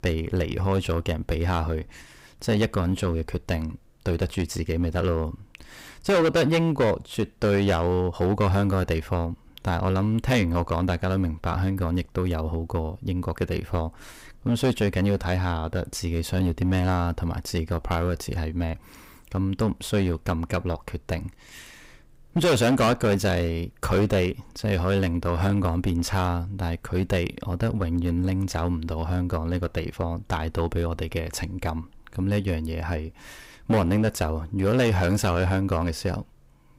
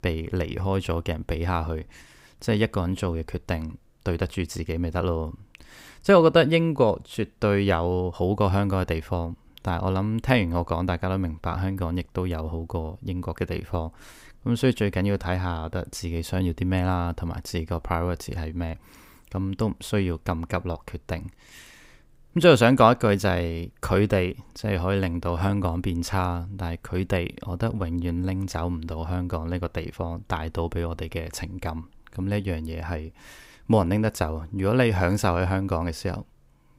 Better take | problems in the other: second | distortion; heavy; 6% of the sound clipped

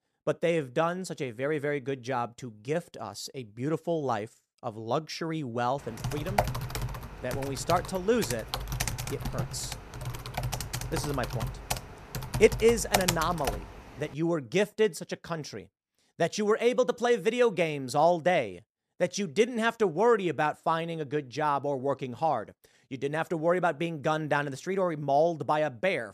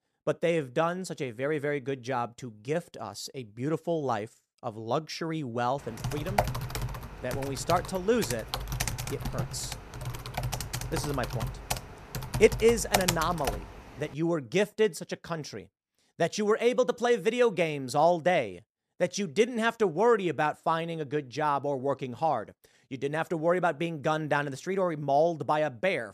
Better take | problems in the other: neither | keyboard typing; loud; from 6 to 14 s; peak 2 dB above the speech; the same in both

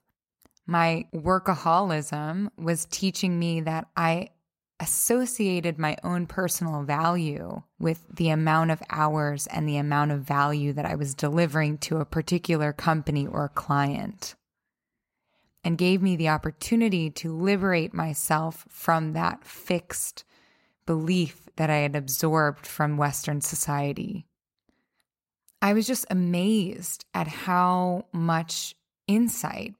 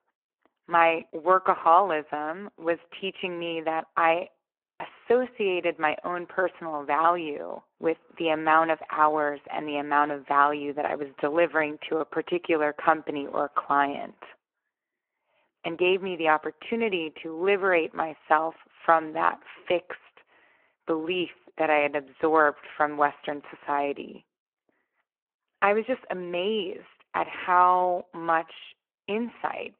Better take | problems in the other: first | phone-call audio

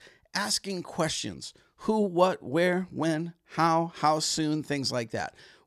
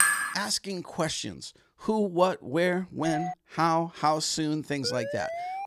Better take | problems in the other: first | clattering dishes; loud; at the start; peak 6 dB above the speech // doorbell; noticeable; at 3 s; peak 6 dB below the speech // siren; noticeable; at 5 s; peak 6 dB below the speech

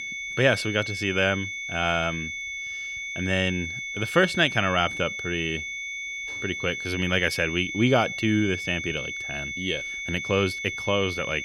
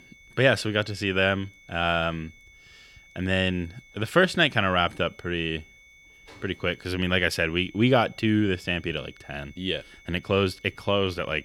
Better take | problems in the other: second | high-pitched whine; loud; throughout; 2 kHz, 5 dB below the speech; faint in the second

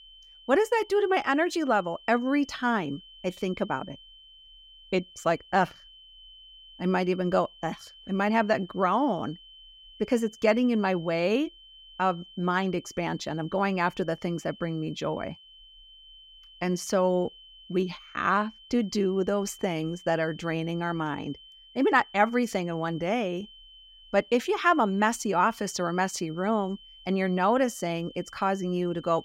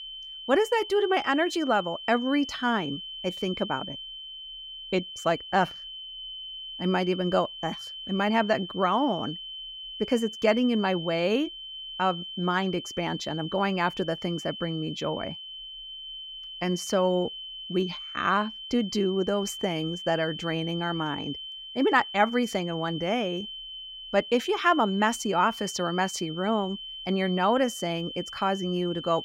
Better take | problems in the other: first | high-pitched whine; loud; throughout; 3 kHz, 10 dB below the speech; faint in the first

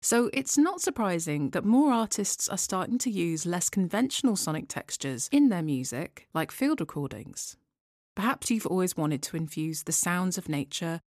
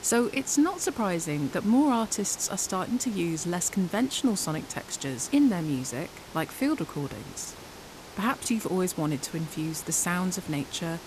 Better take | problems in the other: first | hiss; noticeable; throughout; 15 dB below the speech

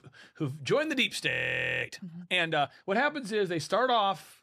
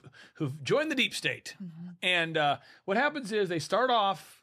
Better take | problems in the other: second | audio freezing; at 1.5 s for 0.5 s

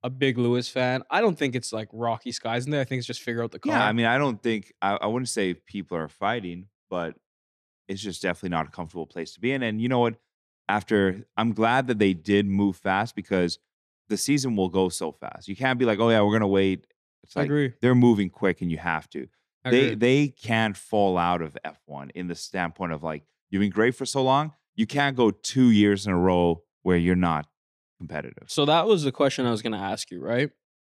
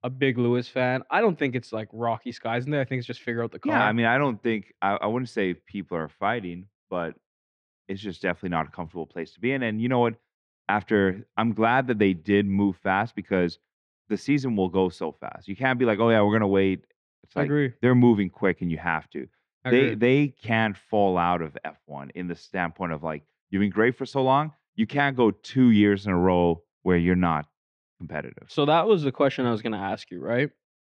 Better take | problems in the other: first | muffled; slightly; fading above 2.5 kHz

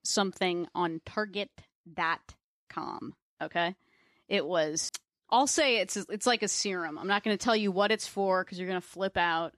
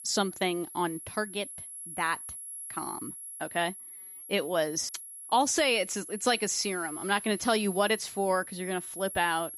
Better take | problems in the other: first | high-pitched whine; loud; throughout; 11 kHz, 10 dB below the speech

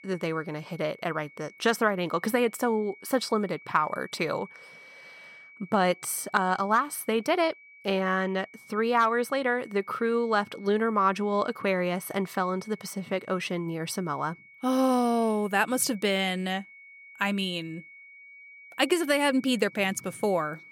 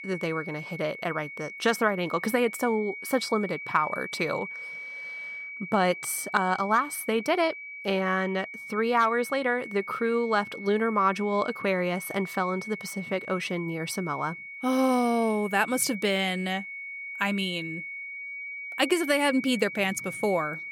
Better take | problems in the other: first | high-pitched whine; loud; throughout; 2 kHz, 10 dB below the speech; faint in the first

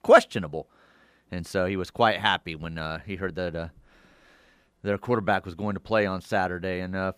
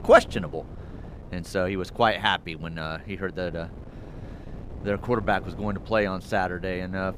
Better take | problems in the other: first | wind noise on the microphone; occasional gusts; 25 dB below the speech

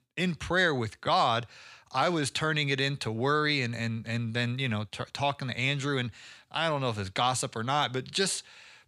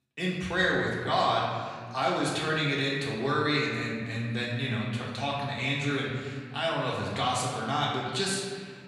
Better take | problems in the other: first | room echo; noticeable; dies away in 1.6 s // off-mic speech; far

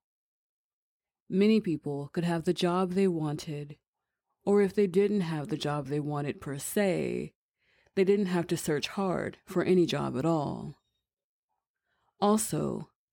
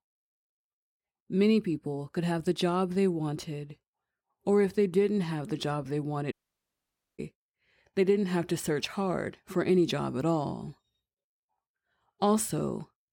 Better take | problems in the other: first | audio cutting out; at 6.5 s for 1 s

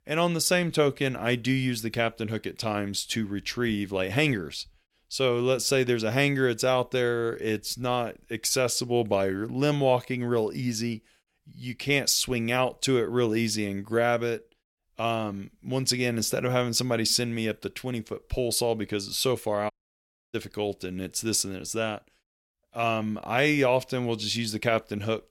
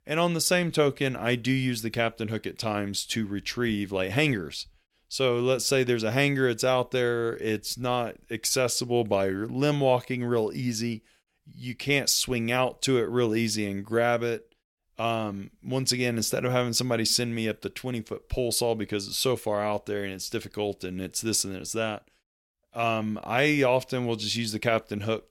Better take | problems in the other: second | audio cutting out; at 20 s for 0.5 s

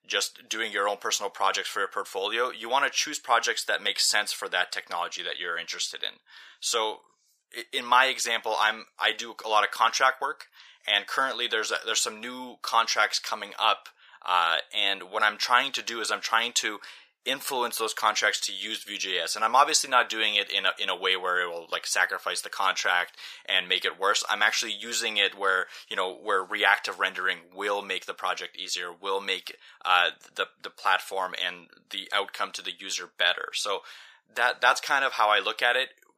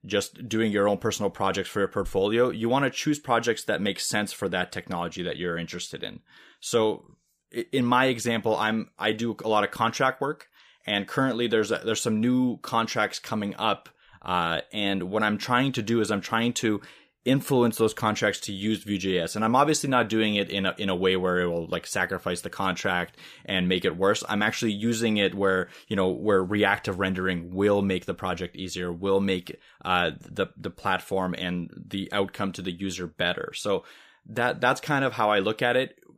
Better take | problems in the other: second | thin; very; fading below 900 Hz

